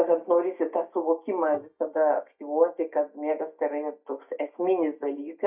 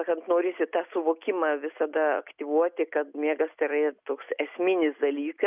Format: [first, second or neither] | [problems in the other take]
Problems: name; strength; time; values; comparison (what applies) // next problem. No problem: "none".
second | noise reduction (neural mask model DeepFilterNet 3)